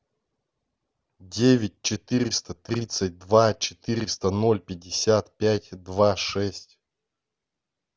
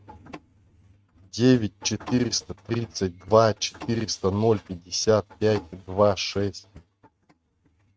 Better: first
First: none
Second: noise reduction (neural mask model RNNoise)

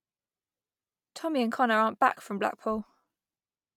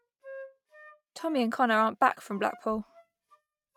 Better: first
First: none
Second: noise reduction (neural mask model RNNoise)

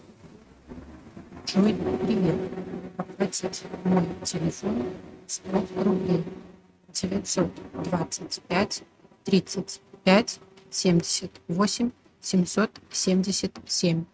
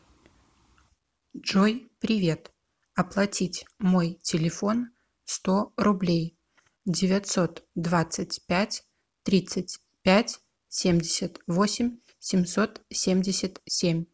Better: second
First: noise reduction (neural mask model RNNoise)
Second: none

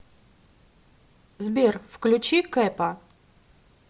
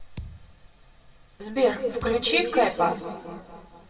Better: first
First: none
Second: background sound (Thump, thud); 17 dB below the speech // room echo; dies away in 1.8 s

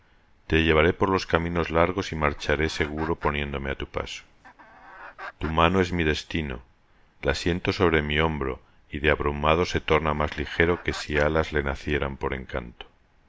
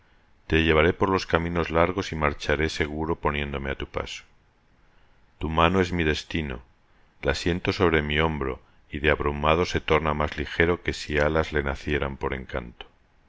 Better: second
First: background sound (Chicken, rooster); 19 dB below the speech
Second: none

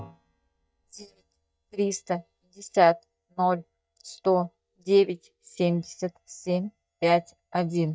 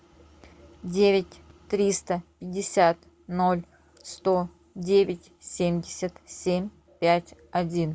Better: second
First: noise reduction (neural mask model DeepFilterNet 3)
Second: none

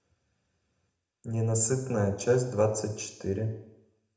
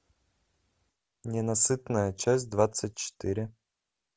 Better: second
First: room echo; dies away in 0.7 s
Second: none

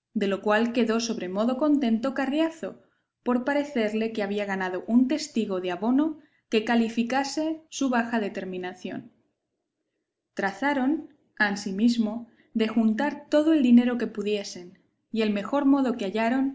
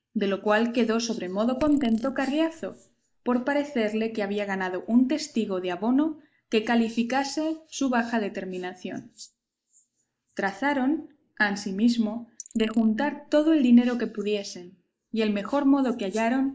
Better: first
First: none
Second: noise reduction (neural mask model Resemble Enhance denoiser)

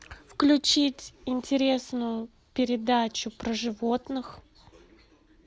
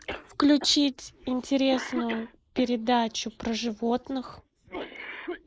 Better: first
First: none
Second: noise reduction (neural mask model Resemble Enhance denoiser)

